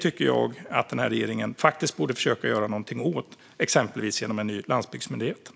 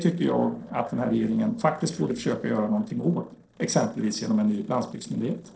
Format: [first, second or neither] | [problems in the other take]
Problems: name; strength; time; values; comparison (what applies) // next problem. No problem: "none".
first | noise reduction (neural separator model SepFormer DNS4)